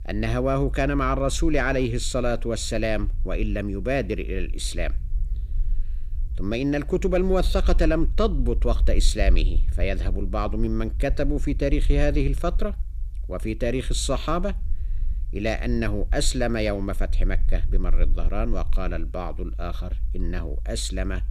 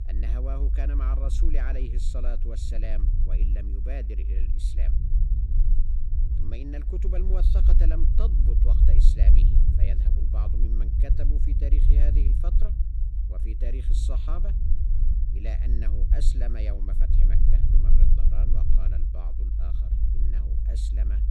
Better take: first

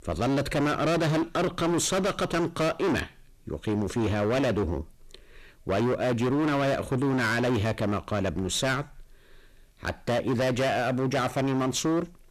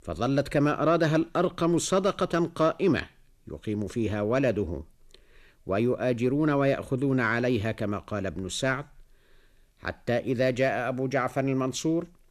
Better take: second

